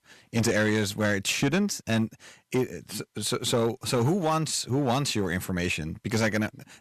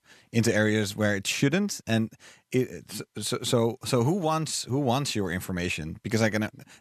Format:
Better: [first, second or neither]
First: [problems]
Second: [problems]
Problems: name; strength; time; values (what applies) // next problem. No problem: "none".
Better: second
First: distortion; slight; 5% of the sound clipped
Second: none